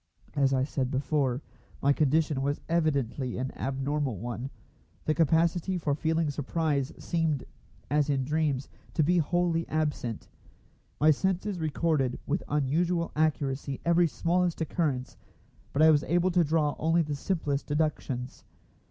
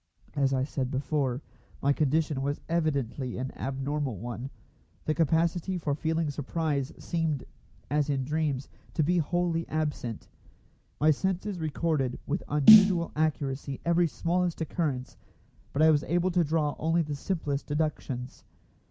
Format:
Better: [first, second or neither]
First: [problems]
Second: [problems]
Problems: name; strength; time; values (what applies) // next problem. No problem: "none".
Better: first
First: none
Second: background sound (Snare drum); 3 dB above the speech